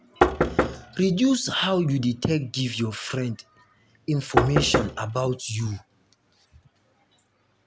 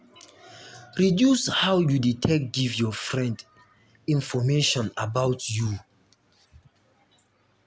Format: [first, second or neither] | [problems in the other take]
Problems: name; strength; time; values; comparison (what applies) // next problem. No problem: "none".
second | background sound (Knock); 1 dB above the speech